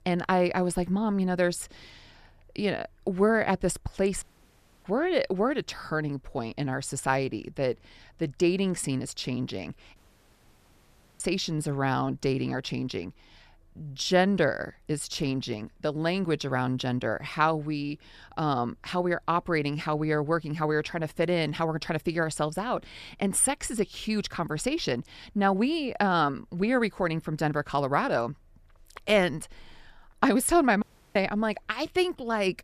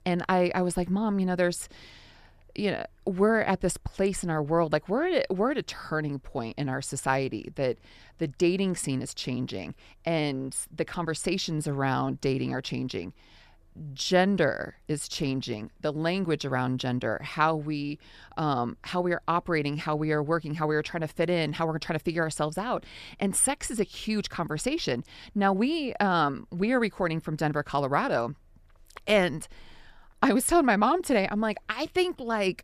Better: second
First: audio cutting out; at 4 s for 0.5 s, at 10 s for 1 s and at 31 s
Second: none

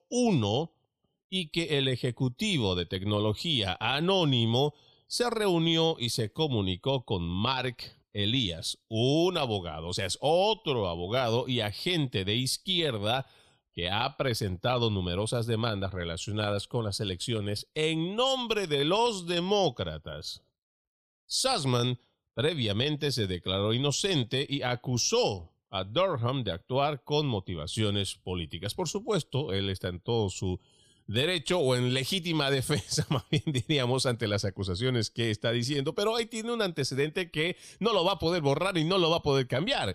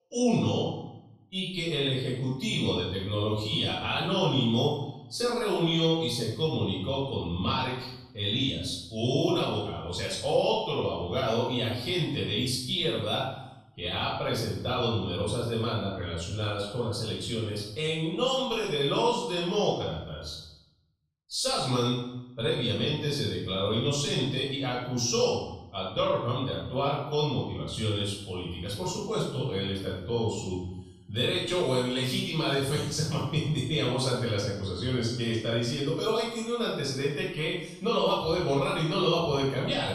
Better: first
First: none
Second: off-mic speech; far // room echo; noticeable; dies away in 0.7 s

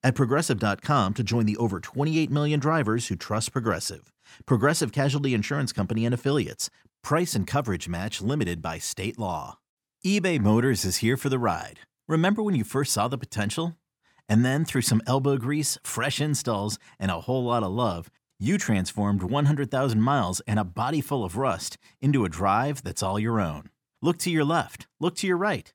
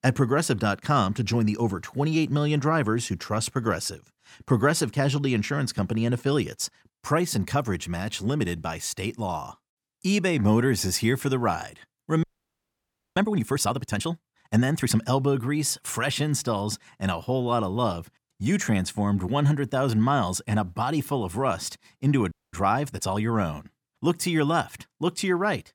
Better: first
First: none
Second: audio freezing; at 12 s for 1 s and at 22 s

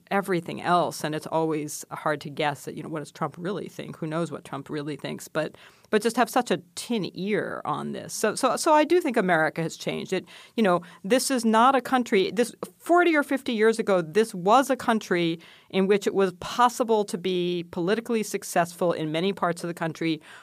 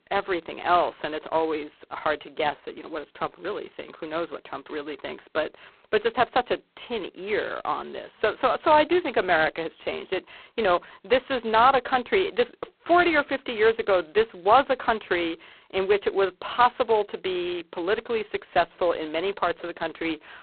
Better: first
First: none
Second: phone-call audio; poor line; nothing above 4 kHz

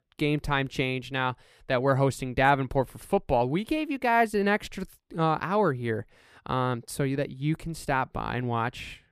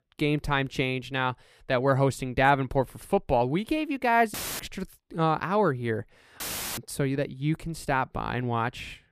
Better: first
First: none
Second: audio cutting out; filled with static; at 4.5 s and at 6.5 s

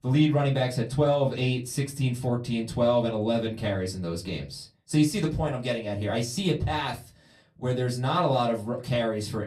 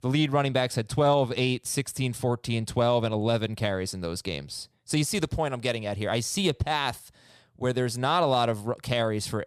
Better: second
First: off-mic speech; far // room echo; very slight; dies away in 0.2 s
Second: none

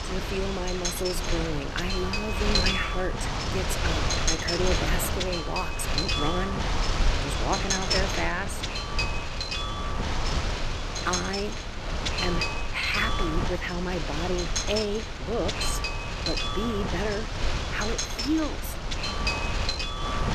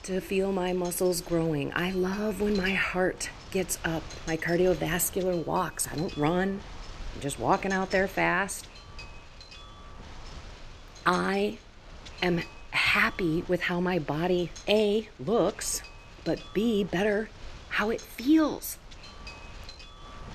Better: second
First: wind noise on the microphone; heavy; 2 dB above the speech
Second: wind noise on the microphone; occasional gusts; 20 dB below the speech

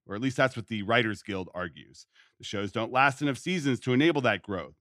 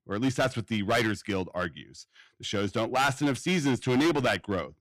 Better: first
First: none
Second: distortion; heavy; 9% of the sound clipped

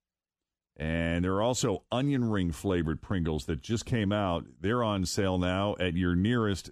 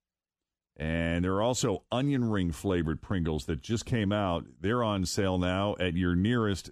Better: neither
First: none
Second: none

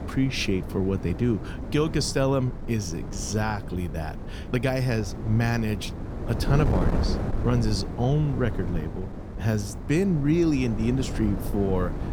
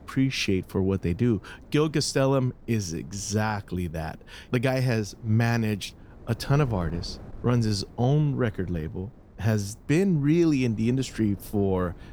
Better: second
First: wind noise on the microphone; heavy; 9 dB below the speech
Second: wind noise on the microphone; occasional gusts; 25 dB below the speech

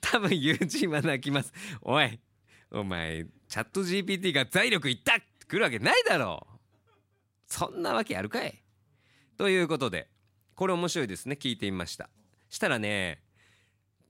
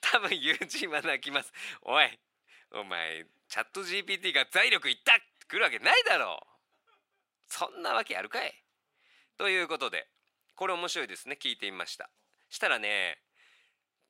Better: first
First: none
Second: thin; very; fading below 500 Hz

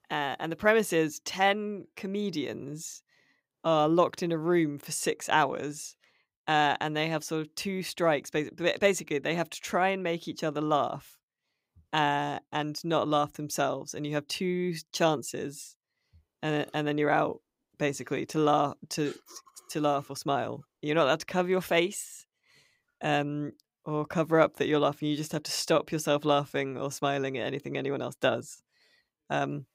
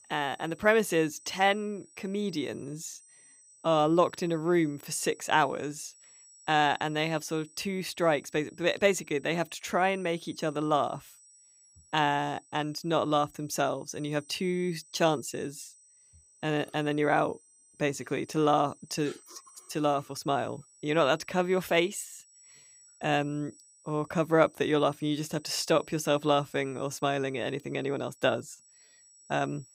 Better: first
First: none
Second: high-pitched whine; faint; throughout; 8 kHz, 25 dB below the speech

